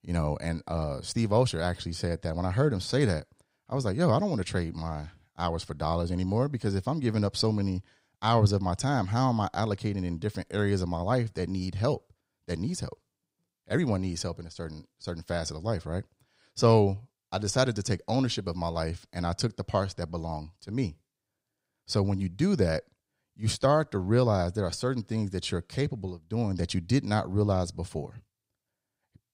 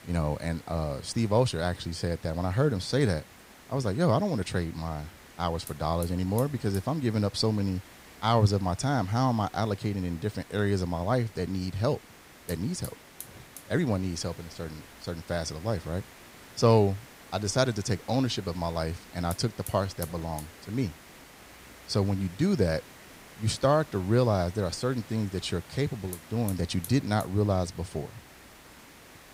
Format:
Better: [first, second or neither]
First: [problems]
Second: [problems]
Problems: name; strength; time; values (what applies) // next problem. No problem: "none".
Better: first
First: none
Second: hiss; noticeable; throughout; 20 dB below the speech